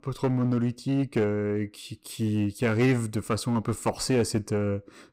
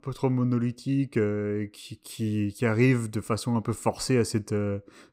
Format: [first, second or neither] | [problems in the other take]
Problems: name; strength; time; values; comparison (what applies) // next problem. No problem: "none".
second | distortion; slight; 7% of the sound clipped